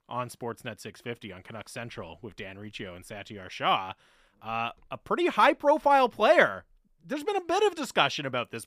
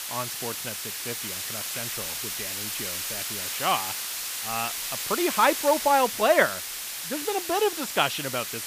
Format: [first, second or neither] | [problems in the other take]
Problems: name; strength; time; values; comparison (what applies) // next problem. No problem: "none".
first | hiss; loud; throughout; 5 dB below the speech